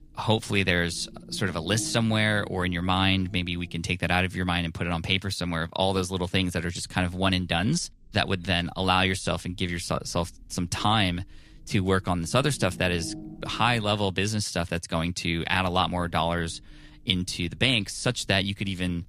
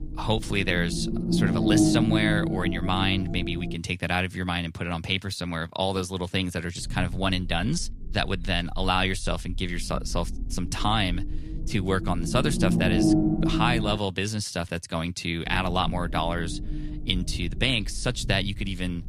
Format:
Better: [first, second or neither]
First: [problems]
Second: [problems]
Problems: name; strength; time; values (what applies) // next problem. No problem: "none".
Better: first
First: low rumble; faint; until 4 s, from 7 to 14 s and from 15 s on; 25 dB below the speech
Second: low rumble; loud; until 4 s, from 7 to 14 s and from 15 s on; 4 dB below the speech